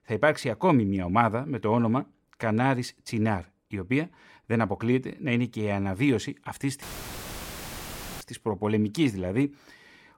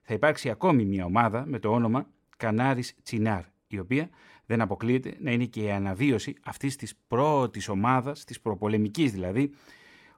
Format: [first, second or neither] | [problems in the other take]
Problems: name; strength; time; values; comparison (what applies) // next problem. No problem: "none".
second | audio cutting out; filled with static; at 7 s for 1.5 s